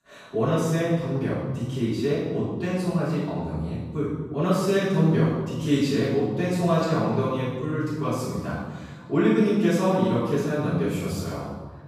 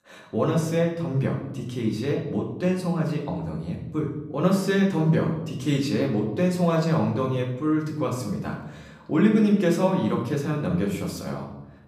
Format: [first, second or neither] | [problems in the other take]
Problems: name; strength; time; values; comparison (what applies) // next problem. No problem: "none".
second | room echo; strong; dies away in 1.2 s; slight in the second // off-mic speech; far; far in the second